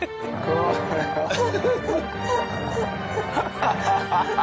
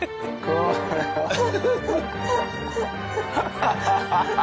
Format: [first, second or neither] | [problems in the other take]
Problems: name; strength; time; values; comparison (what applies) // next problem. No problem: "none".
second | background sound (Growling); 10 dB below the speech